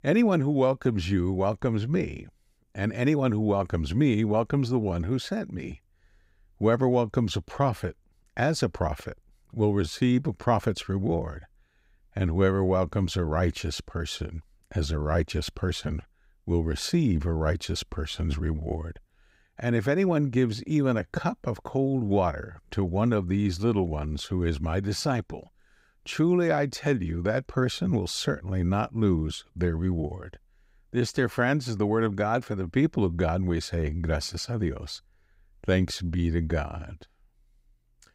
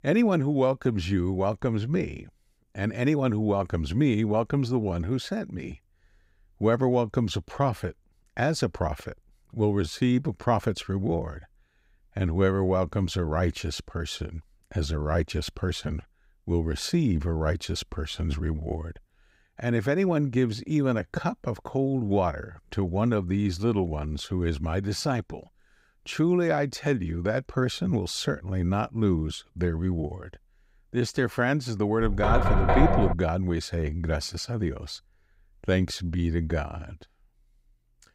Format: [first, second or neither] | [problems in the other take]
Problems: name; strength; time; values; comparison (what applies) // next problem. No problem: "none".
first | door banging; loud; from 32 to 33 s; peak 4 dB above the speech